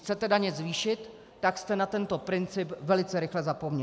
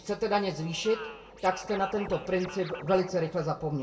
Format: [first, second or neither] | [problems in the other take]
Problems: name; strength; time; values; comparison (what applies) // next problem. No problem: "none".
first | background sound (Scratching (performance technique)); 14 dB below the speech // room echo; dies away in 0.2 s